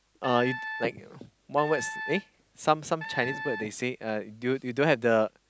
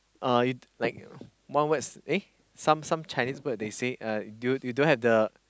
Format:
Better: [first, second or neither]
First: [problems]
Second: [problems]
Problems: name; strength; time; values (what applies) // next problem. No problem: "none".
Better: second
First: background sound (Wind instrument, woodwind instrument); 9 dB below the speech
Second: none